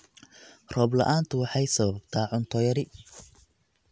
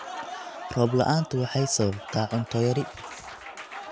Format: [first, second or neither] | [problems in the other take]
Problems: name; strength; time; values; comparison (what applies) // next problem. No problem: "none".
first | background sound (Applause); 12 dB below the speech